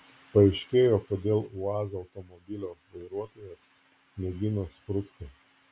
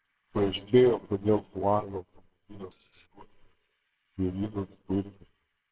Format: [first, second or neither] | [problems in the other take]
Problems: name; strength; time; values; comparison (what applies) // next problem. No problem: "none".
first | noise reduction (neural separator model SepFormer WHAMR!)